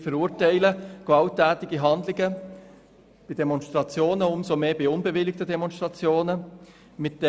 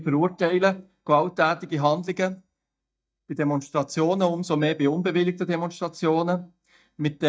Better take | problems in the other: first | noise reduction (neural mask model DeepFilterNet 3)

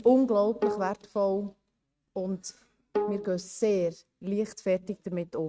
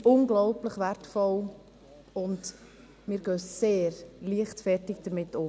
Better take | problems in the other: second | noise reduction (neural mask model RNNoise)

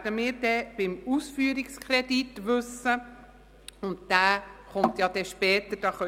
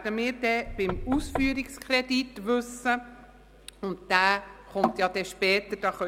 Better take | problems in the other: first | background sound (Knock / Wood); 8 dB below the speech

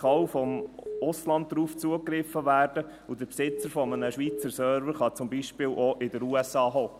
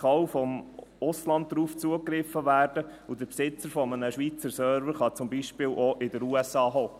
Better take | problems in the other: second | background sound (Telephone); 10 dB below the speech

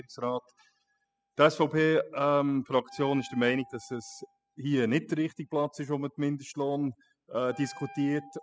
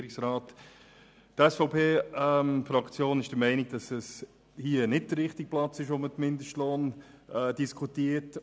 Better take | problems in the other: second | noise reduction (classical method spectral subtraction)

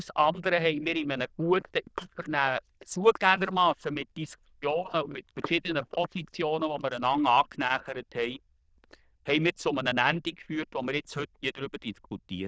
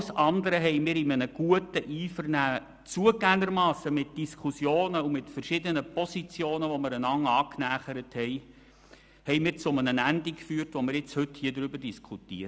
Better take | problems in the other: second | noise reduction (neural diffusion model UNIVERSE++)

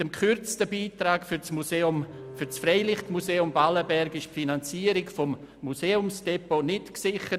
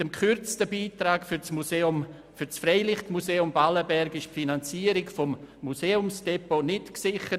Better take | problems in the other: second | background sound (Bowed string instrument); 17 dB below the speech

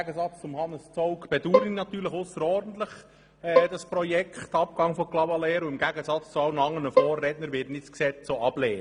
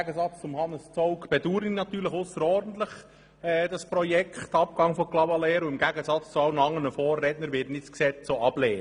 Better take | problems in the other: second | background sound (Bowed string instrument); 2 dB below the speech

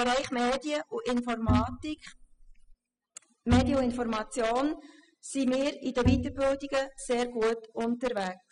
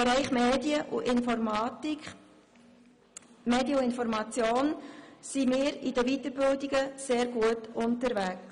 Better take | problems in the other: second | noise reduction (classical method spectral subtraction)

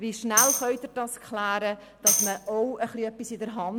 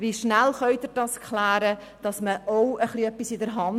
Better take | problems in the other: second | background sound (Tambourine); 1 dB above the speech

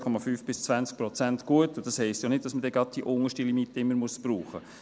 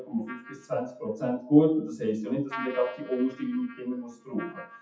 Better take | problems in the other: first | noise reduction (classical method WPE with log-MMSE)

